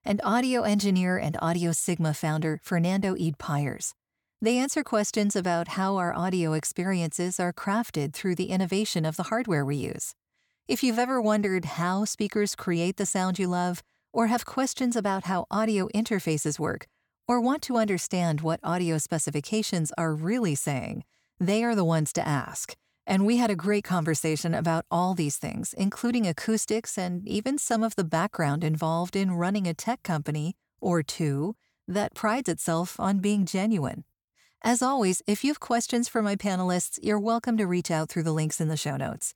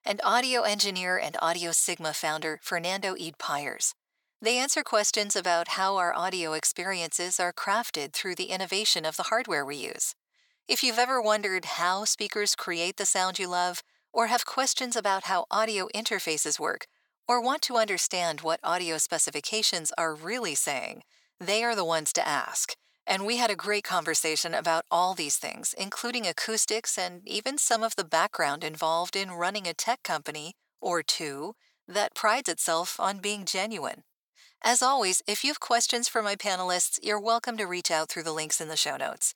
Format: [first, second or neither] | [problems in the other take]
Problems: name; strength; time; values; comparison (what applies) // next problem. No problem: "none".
first | thin; very; fading below 600 Hz